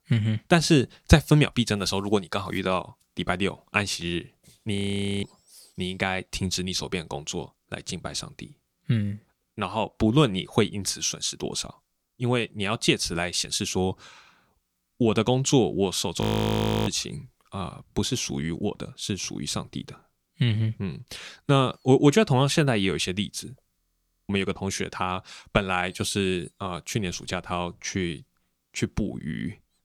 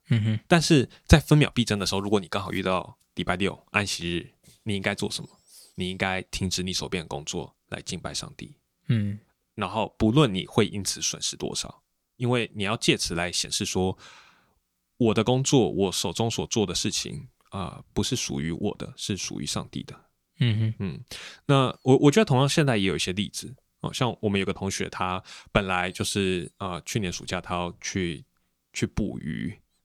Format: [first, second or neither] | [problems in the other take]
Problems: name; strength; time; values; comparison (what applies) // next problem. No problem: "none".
second | audio freezing; at 5 s, at 16 s for 0.5 s and at 24 s for 0.5 s